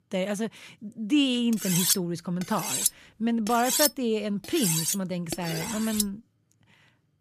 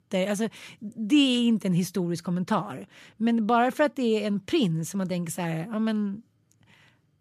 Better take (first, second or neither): second